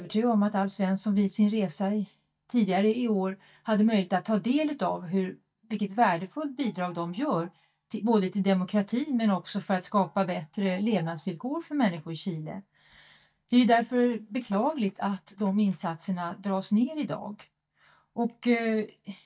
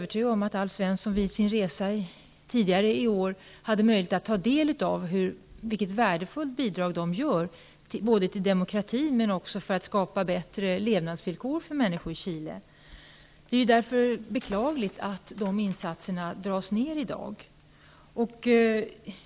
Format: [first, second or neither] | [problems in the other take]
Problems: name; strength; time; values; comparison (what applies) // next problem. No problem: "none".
second | noise reduction (neural mask model DeepFilterNet 3)